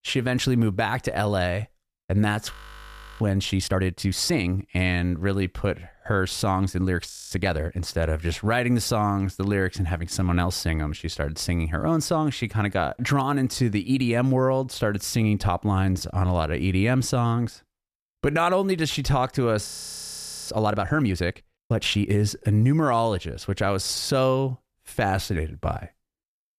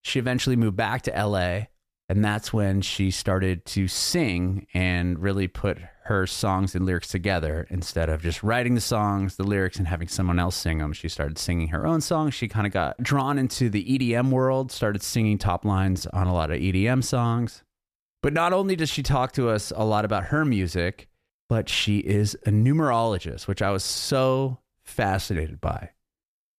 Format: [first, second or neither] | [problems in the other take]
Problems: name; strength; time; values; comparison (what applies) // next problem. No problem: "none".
second | audio freezing; at 2.5 s for 0.5 s, at 7 s and at 20 s for 1 s